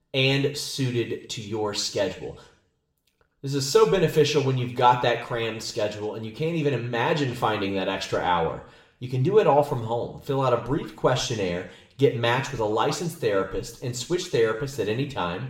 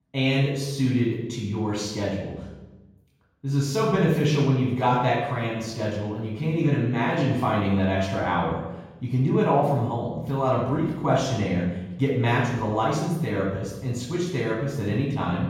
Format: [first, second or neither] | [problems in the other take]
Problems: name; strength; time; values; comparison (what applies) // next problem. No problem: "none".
first | room echo; strong; dies away in 1.3 s; slight in the first // off-mic speech; far; somewhat distant in the first